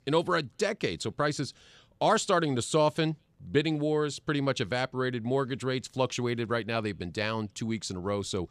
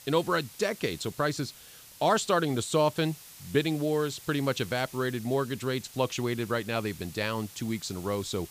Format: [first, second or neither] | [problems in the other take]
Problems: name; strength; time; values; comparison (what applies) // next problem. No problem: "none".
first | hiss; noticeable; throughout; 15 dB below the speech